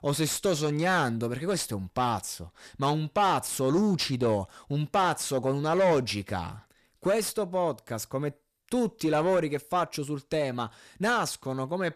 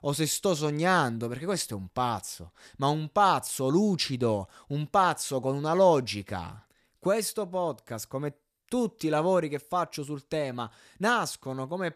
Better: second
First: distortion; slight; 10 dB below the speech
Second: none

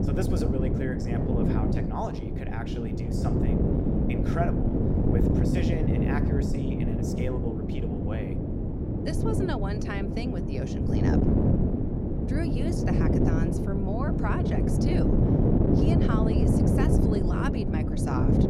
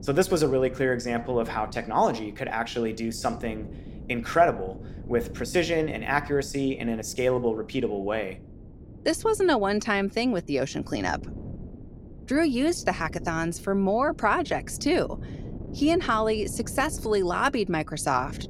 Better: second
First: wind noise on the microphone; heavy; 4 dB above the speech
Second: wind noise on the microphone; occasional gusts; 20 dB below the speech

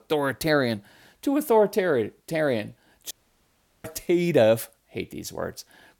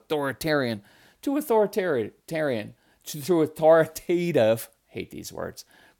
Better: second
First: audio cutting out; at 3 s for 0.5 s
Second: none

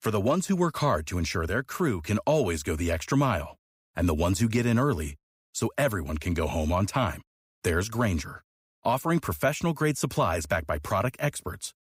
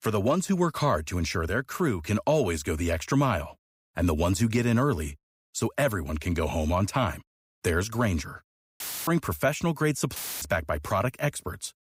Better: first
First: none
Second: audio cutting out; filled with static; at 9 s and at 10 s

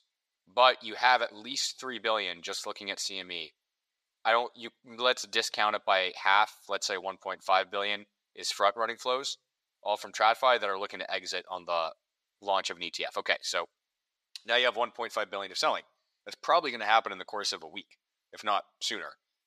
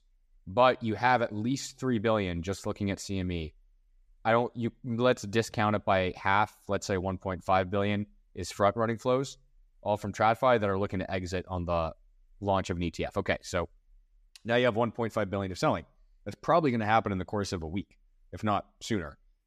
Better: second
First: thin; very; fading below 750 Hz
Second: none

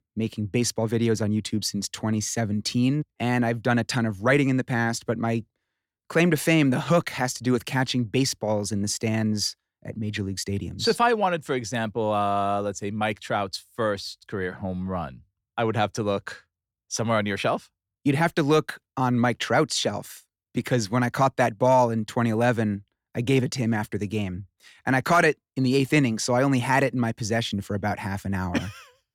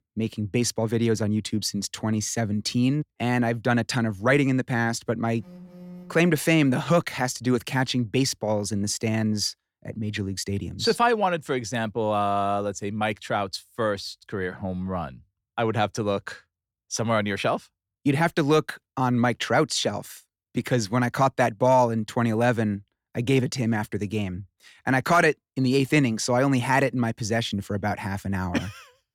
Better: first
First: none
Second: phone ringing; faint; at 5.5 s; peak 20 dB below the speech

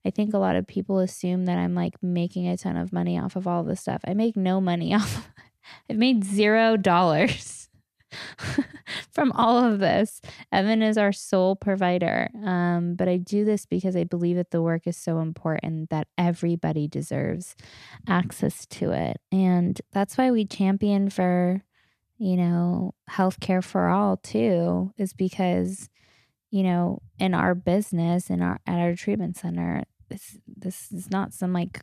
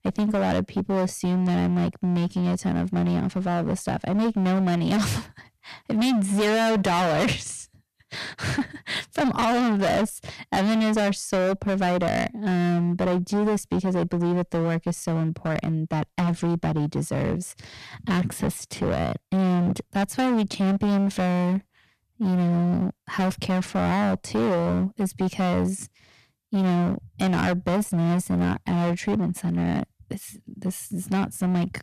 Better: first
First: none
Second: distortion; heavy; 22% of the sound clipped

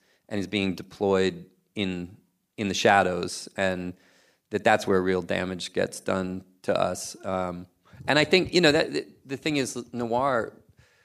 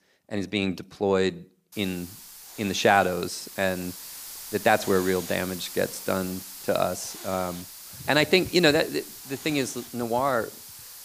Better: first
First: none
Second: hiss; noticeable; from 1.5 s on; 15 dB below the speech

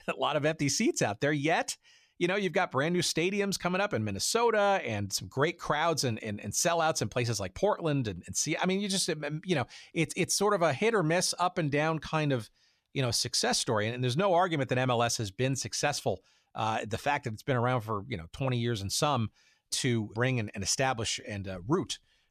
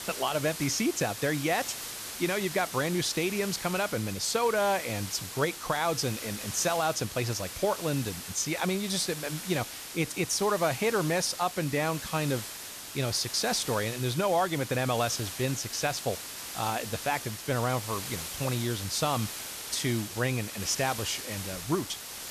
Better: first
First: none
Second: hiss; loud; throughout; 7 dB below the speech

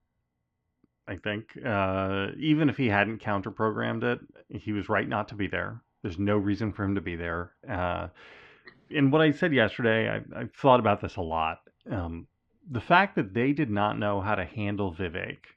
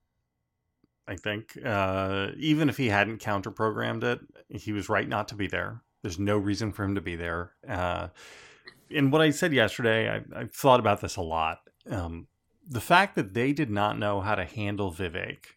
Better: second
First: muffled; slightly; fading above 3 kHz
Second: none

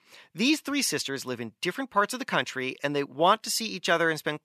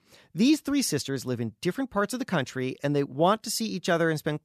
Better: second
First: thin; very slightly; fading below 400 Hz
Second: none

